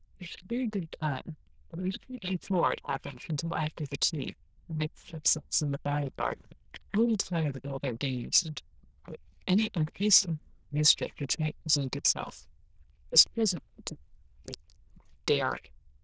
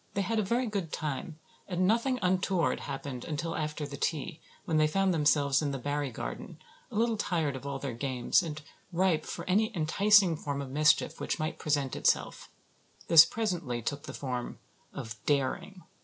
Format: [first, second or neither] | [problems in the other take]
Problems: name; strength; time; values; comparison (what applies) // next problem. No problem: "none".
second | noise reduction (neural diffusion model UNIVERSE++)